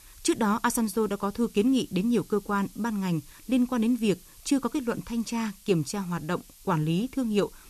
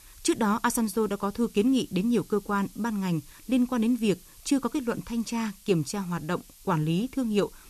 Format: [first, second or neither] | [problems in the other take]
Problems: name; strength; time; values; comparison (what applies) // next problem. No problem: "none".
neither | hiss; faint; throughout; 25 dB below the speech; the same in both